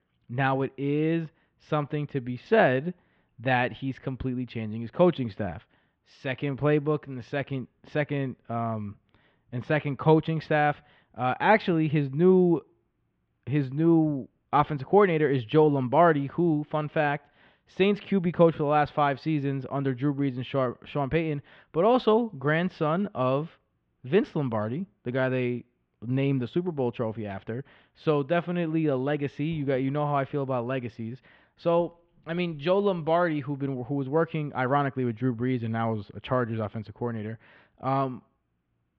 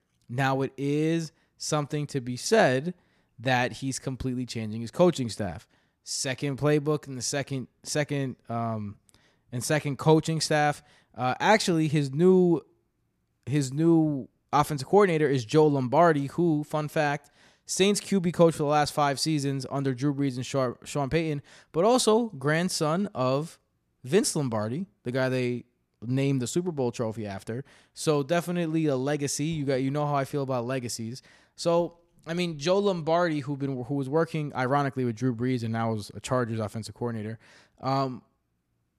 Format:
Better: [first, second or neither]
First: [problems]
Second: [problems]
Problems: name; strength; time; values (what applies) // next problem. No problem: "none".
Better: second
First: muffled; very; fading above 3 kHz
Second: none